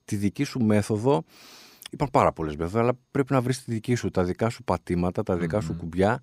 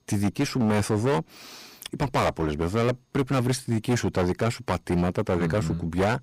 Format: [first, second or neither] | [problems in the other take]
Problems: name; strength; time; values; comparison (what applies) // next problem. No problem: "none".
first | distortion; heavy; 18% of the sound clipped